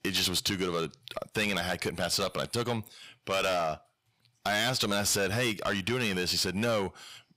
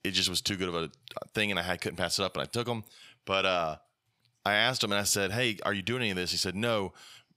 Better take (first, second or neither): second